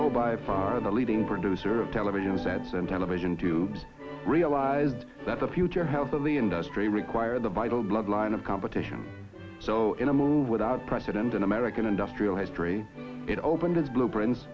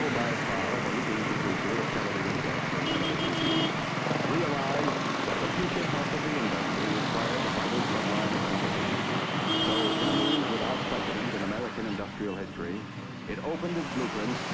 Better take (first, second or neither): first